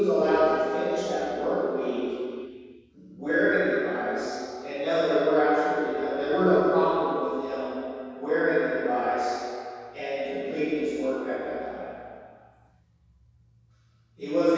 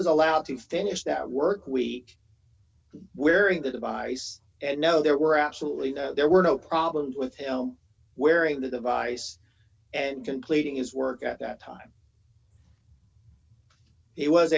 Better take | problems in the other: second | room echo; dies away in 2.2 s

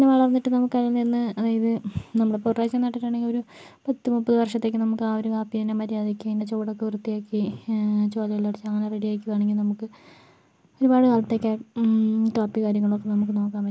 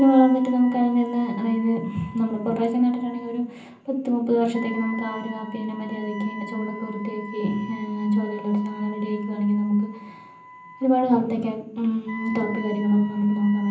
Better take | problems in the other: first | background sound (Wind instrument, woodwind instrument); 17 dB below the speech // room echo; dies away in 0.6 s

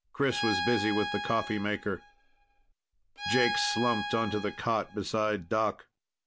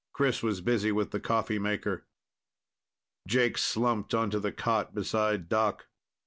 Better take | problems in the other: second | background sound (Bowed string instrument); 5 dB below the speech

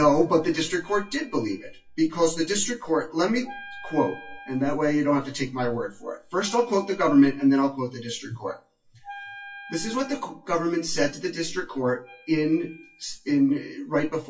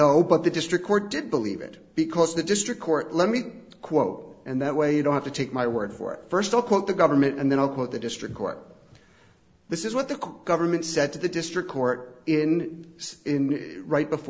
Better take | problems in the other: second | noise reduction (classical method WPE with log-MMSE)

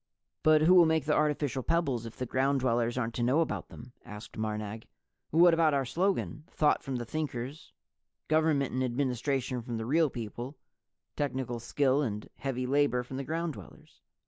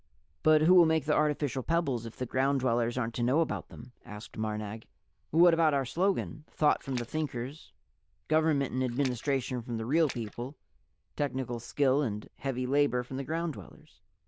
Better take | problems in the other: first | noise reduction (neural diffusion model UNIVERSE++)

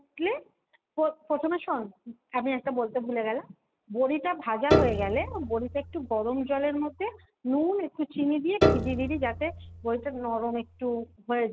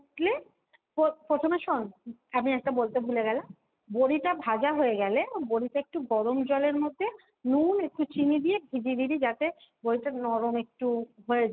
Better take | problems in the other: second | background sound (Piano); 1 dB below the speech

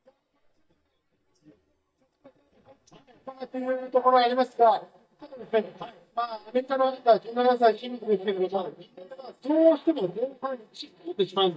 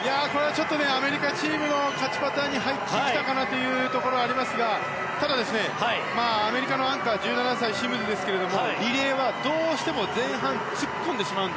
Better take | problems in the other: second | noise reduction (neural mask model DeepFilterNet 3)

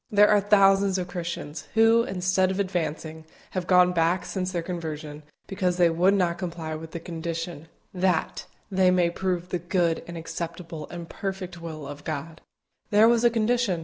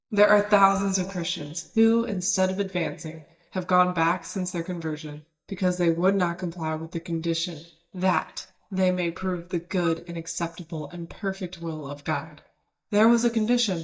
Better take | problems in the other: first | noise reduction (neural mask model DeepFilterNet 3)

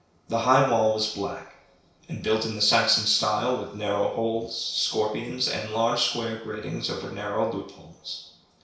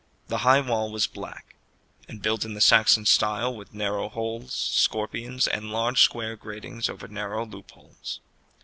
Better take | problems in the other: second | room echo; dies away in 0.6 s

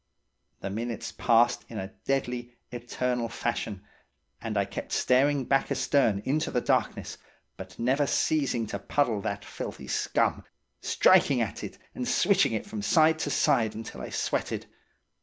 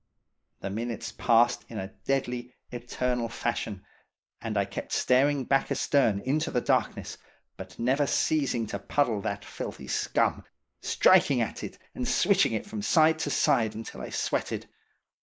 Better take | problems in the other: first | noise reduction (neural mask model Resemble Enhance denoiser)

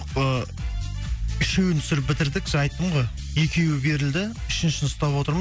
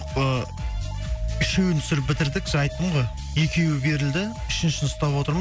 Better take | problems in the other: first | background sound (Alarm); 19 dB below the speech

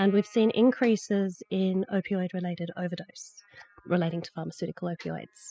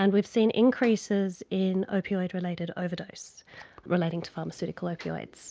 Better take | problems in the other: second | noise reduction (classical method spectral subtraction)

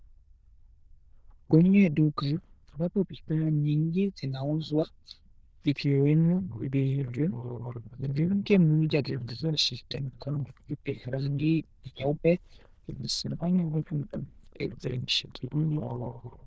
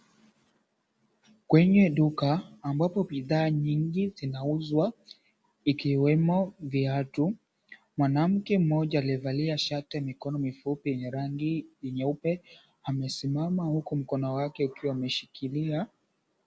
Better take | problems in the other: second | noise reduction (neural diffusion model UNIVERSE++)

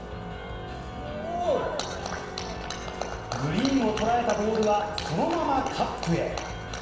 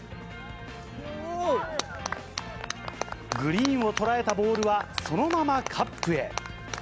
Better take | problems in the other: second | background sound (Organ); 12 dB below the speech // room echo; dies away in 1 s

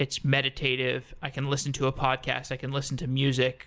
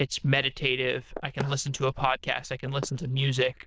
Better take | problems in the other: first | noise reduction (neural diffusion model UNIVERSE++)

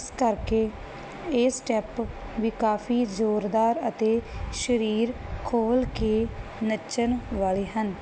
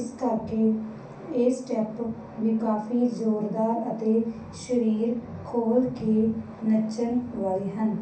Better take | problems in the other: first | room echo; dies away in 0.6 s

